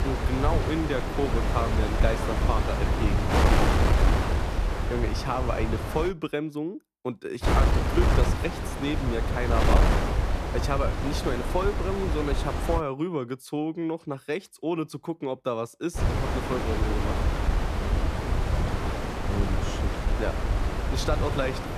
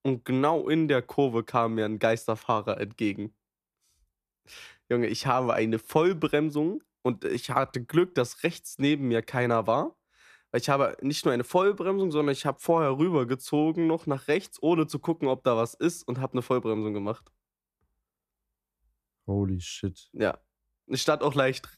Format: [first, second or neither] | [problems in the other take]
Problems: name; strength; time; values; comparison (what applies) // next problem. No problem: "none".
second | wind noise on the microphone; heavy; until 6 s, from 7.5 to 13 s and from 16 s on; as loud as the speech